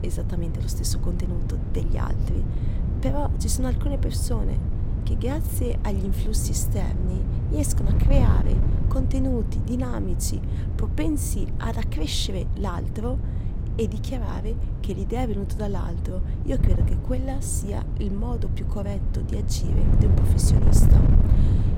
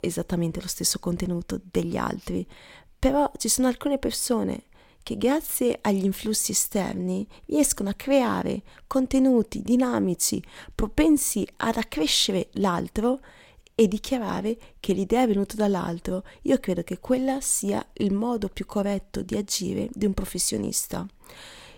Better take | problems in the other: second | wind noise on the microphone; heavy; 4 dB below the speech

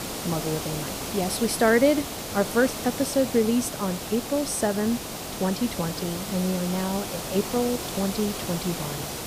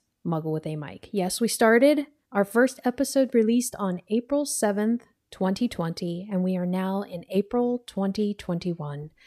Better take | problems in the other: second | hiss; loud; throughout; 6 dB below the speech

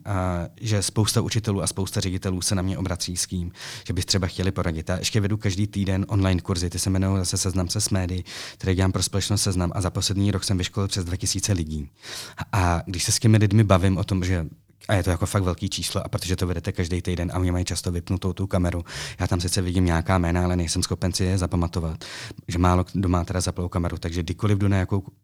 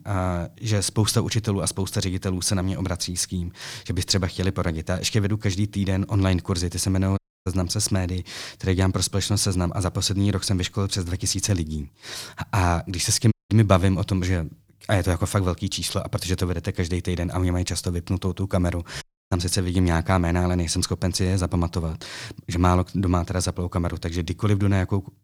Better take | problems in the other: first | audio cutting out; at 7 s, at 13 s and at 19 s

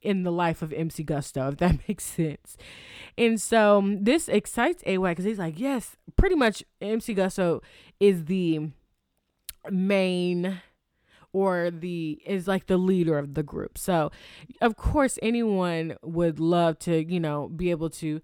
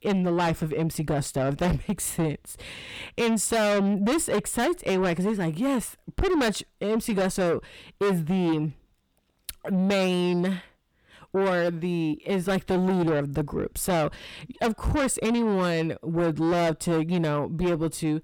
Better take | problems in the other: first | distortion; heavy; 6 dB below the speech

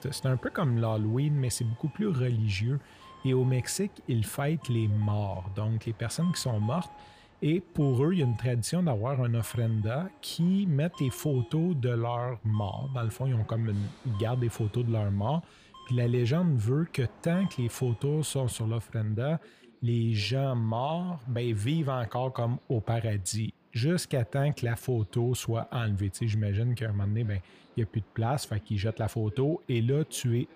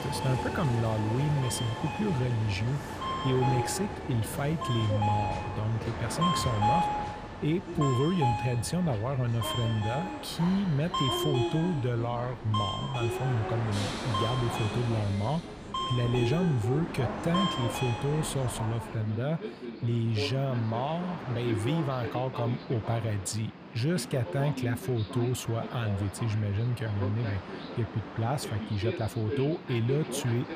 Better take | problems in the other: first | train or aircraft noise; loud; throughout; 4 dB below the speech; faint in the first

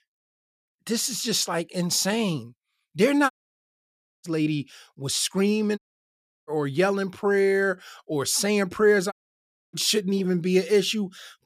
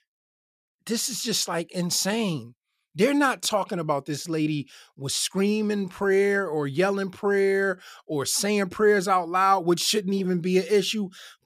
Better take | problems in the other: second | audio cutting out; at 3.5 s for 1 s, at 6 s for 0.5 s and at 9 s for 0.5 s

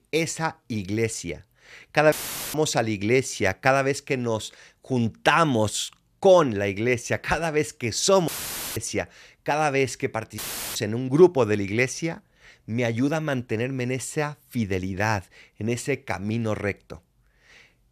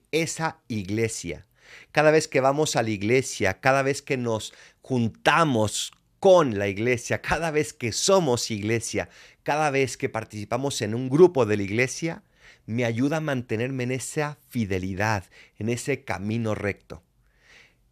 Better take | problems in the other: second | audio cutting out; filled with static; at 2 s, at 8.5 s and at 10 s

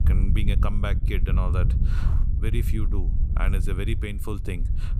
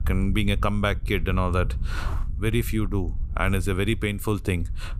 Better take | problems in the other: second | wind noise on the microphone; heavy; 7 dB below the speech; occasional gusts in the second

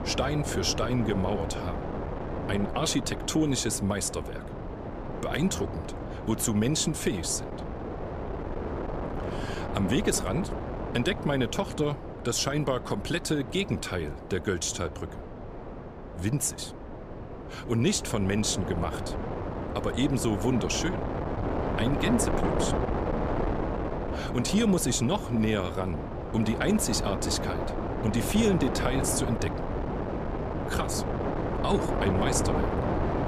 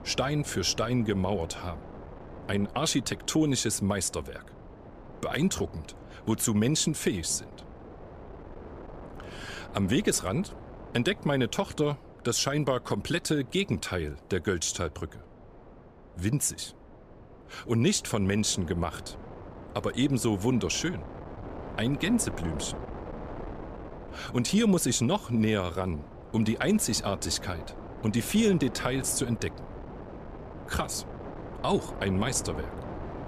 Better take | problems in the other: second | wind noise on the microphone; heavy; 4 dB below the speech; occasional gusts in the second

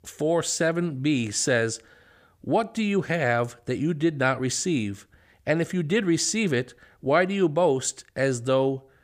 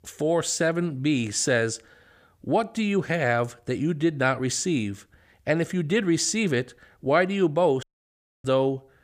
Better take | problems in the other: first | audio cutting out; at 8 s for 0.5 s

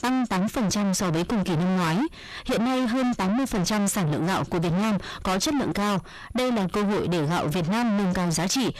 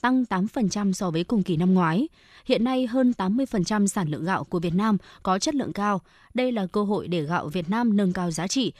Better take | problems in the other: second | distortion; heavy; 5 dB below the speech

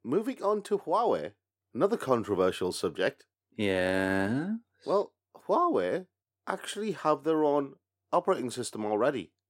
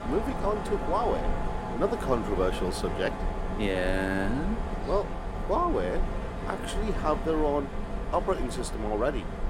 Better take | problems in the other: first | machinery noise; loud; throughout; 4 dB below the speech

